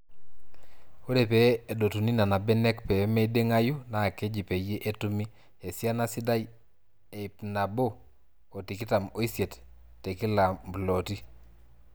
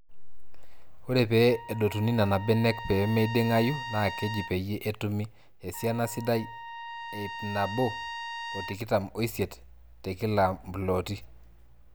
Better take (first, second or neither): first